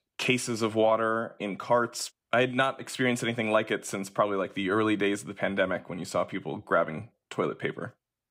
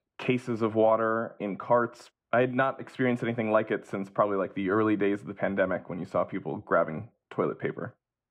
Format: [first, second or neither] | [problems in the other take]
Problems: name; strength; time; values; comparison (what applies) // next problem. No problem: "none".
first | muffled; very; fading above 3 kHz